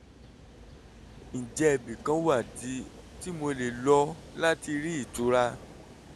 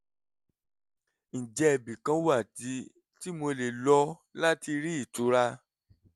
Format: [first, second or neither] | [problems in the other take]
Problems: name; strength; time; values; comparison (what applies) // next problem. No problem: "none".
second | background sound (Train + Vehicle); 17 dB below the speech